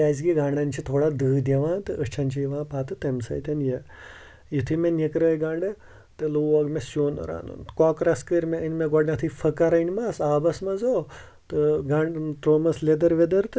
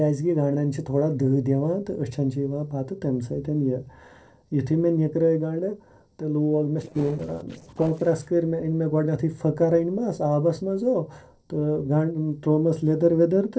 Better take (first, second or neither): first